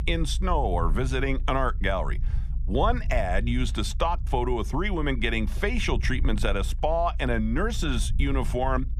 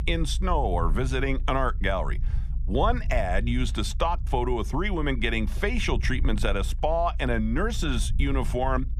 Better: neither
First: low rumble; faint; throughout; 20 dB below the speech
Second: low rumble; faint; throughout; 20 dB below the speech

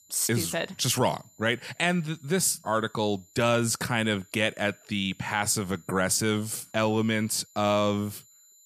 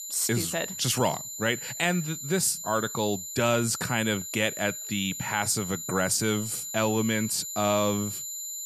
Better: first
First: high-pitched whine; faint; throughout; 7 kHz, 30 dB below the speech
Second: high-pitched whine; loud; throughout; 7 kHz, 7 dB below the speech

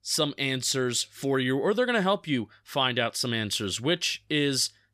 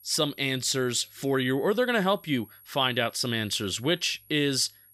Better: first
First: none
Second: high-pitched whine; faint; throughout; 11.5 kHz, 25 dB below the speech

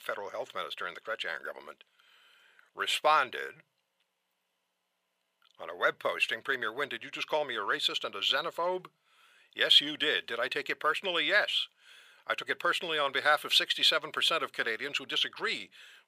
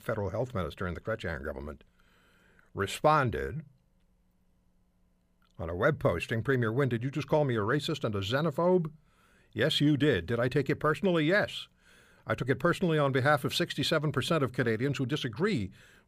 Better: second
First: thin; very; fading below 700 Hz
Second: none

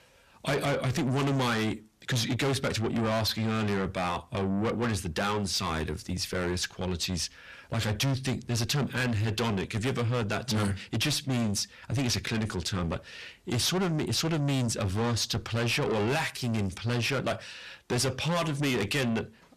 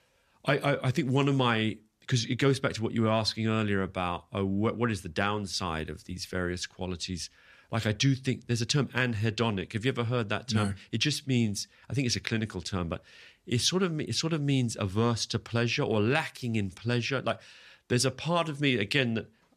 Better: second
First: distortion; heavy; 5 dB below the speech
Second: none

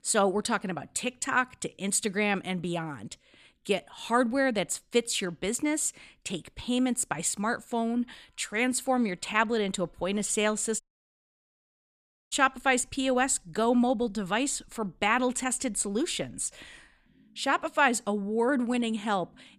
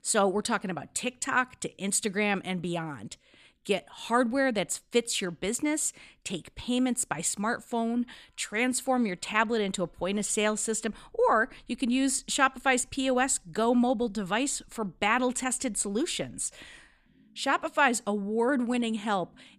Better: second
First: audio cutting out; at 11 s for 1.5 s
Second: none

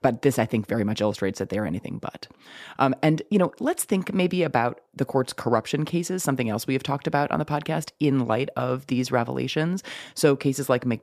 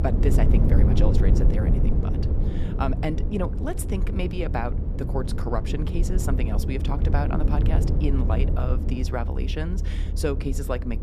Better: first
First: none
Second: low rumble; loud; throughout; 4 dB below the speech

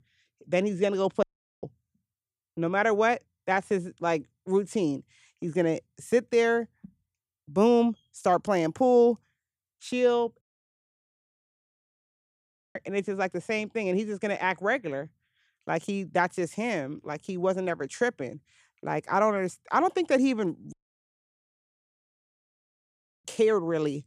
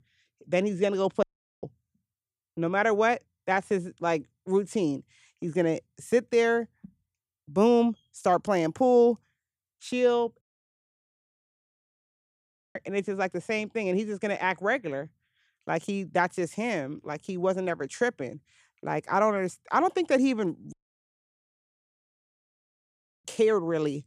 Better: neither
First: audio cutting out; at 1 s, at 10 s for 2.5 s and at 21 s for 2.5 s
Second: audio cutting out; at 1 s, at 10 s for 2.5 s and at 21 s for 2.5 s

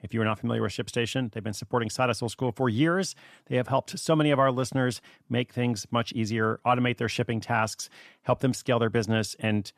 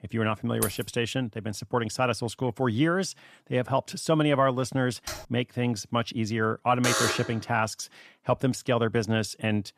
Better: first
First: none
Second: jangling keys; noticeable; at 0.5 s; peak 5 dB below the speech // keyboard typing; faint; at 5 s; peak 10 dB below the speech // alarm; loud; at 7 s; peak 2 dB above the speech

